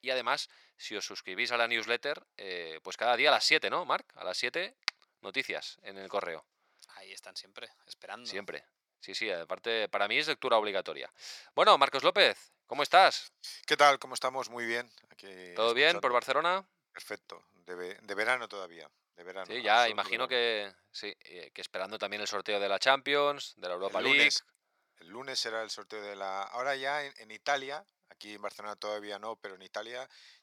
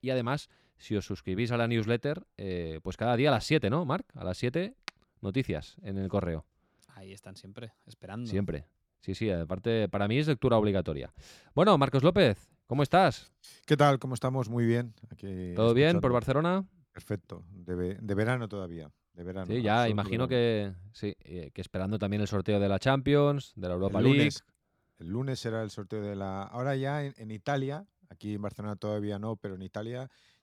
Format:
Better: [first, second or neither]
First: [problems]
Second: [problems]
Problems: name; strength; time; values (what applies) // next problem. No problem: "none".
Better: second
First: thin; very; fading below 800 Hz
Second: none